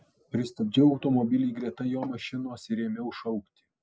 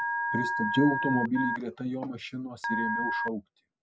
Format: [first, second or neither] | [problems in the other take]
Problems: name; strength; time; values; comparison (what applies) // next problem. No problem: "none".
first | background sound (Telephone); 1 dB below the speech